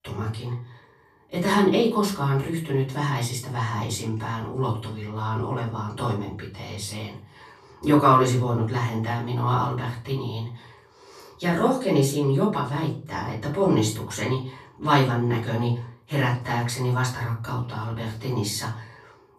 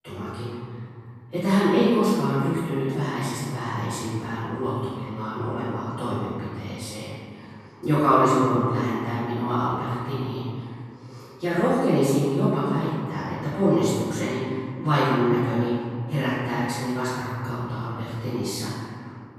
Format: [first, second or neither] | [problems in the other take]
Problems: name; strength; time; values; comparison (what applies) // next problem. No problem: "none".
first | room echo; strong; dies away in 2.1 s; slight in the first // off-mic speech; far; far in the first